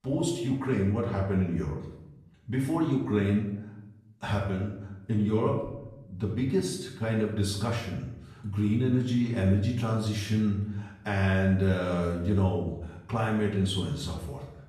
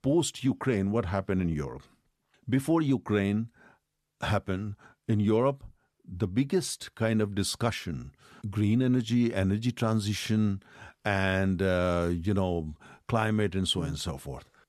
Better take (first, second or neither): second